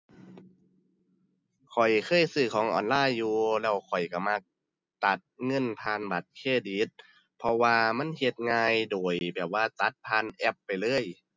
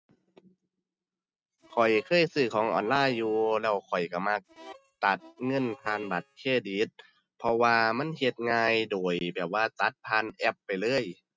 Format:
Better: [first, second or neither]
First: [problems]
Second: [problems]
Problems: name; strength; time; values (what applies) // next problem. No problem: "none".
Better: first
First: none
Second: noise reduction (neural mask model RNNoise)